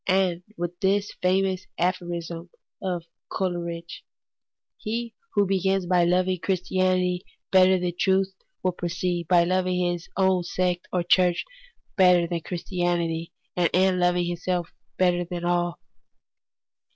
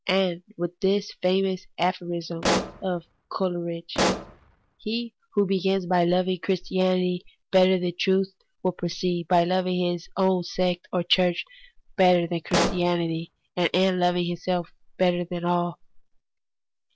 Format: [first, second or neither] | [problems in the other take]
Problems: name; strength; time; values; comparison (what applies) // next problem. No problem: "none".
first | background sound (Explosion); 4 dB below the speech